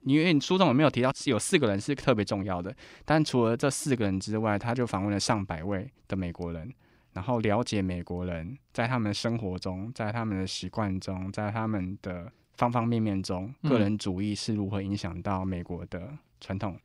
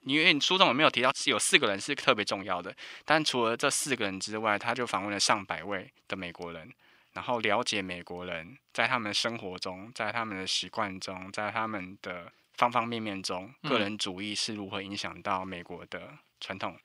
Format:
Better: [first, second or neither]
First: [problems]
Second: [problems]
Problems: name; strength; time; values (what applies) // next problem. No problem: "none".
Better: first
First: none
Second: thin; somewhat; fading below 900 Hz